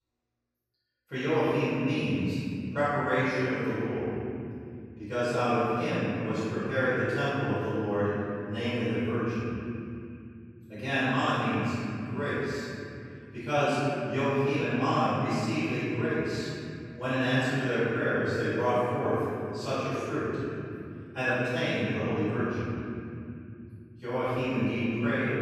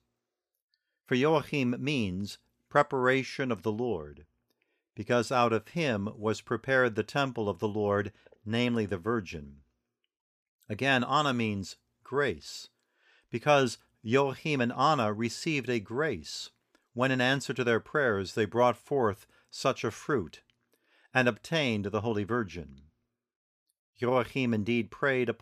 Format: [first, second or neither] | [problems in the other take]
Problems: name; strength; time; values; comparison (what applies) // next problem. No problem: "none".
second | room echo; strong; dies away in 3 s // off-mic speech; far